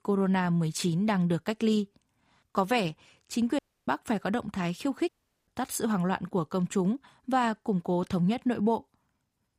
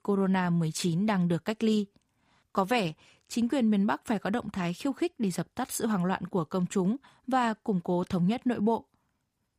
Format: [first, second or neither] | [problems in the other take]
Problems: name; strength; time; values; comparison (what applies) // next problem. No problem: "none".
second | audio cutting out; at 3.5 s and at 5 s